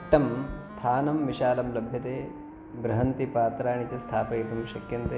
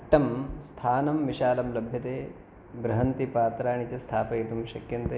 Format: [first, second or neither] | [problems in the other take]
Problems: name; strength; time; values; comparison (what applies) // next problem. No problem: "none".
second | background sound (Wind instrument, woodwind instrument); 15 dB below the speech